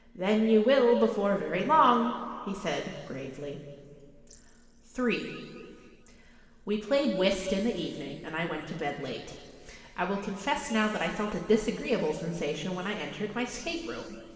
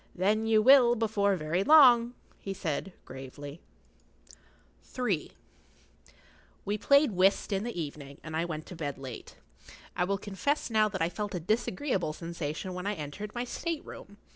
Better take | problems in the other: second | room echo; dies away in 2.1 s

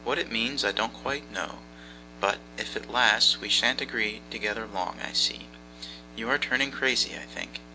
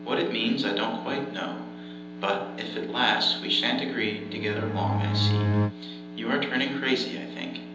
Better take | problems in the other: first | background sound (Bowed string instrument); 2 dB above the speech // room echo; dies away in 0.9 s

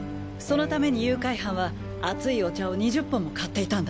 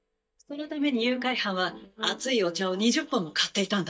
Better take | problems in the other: first | noise reduction (neural mask model DeepFilterNet 3)

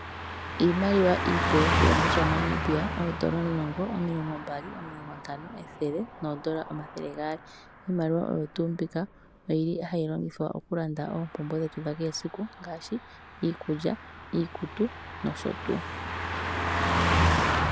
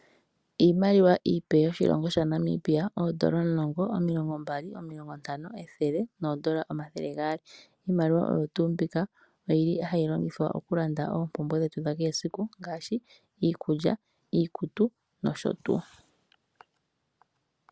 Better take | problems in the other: second | background sound (Car passing by); 1 dB below the speech

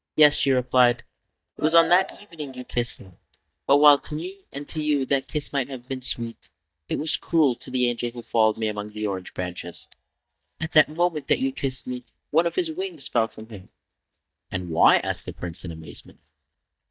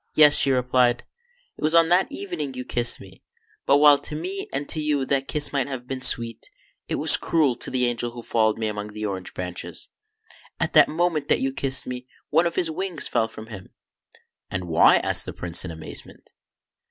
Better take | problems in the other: second | noise reduction (neural mask model DeepFilterNet 3)

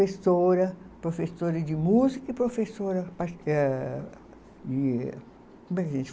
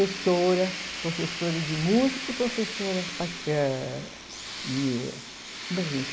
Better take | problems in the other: first | background sound (Tools); 8 dB below the speech

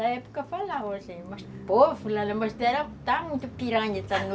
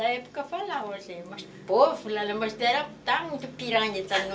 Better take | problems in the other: first | room echo; dies away in 0.2 s

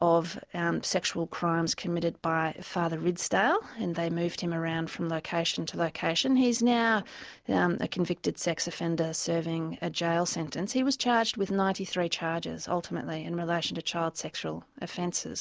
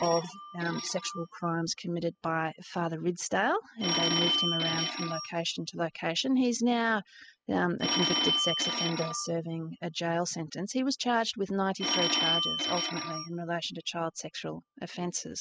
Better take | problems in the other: first | noise reduction (classical method spectral subtraction)

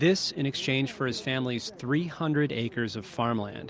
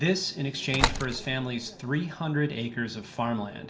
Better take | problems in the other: first | background sound (Slam); 3 dB below the speech // room echo; dies away in 1.2 s

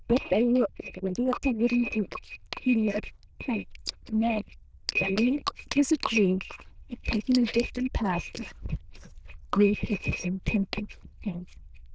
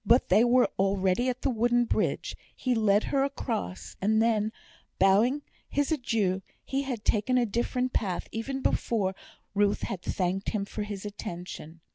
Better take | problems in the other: second | noise reduction (neural diffusion model UNIVERSE++)

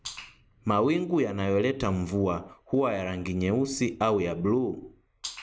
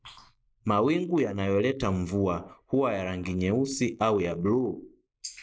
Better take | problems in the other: first | noise reduction (neural mask model Resemble Enhance denoiser)

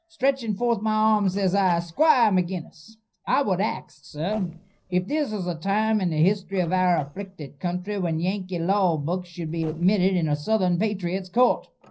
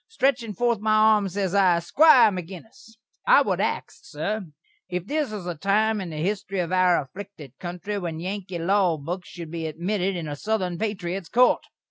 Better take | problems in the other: second | noise reduction (neural separator model SepFormer DNS4)

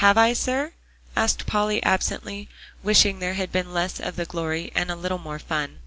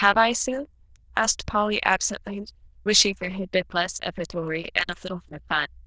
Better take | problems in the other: first | noise reduction (neural diffusion model UNIVERSE++)

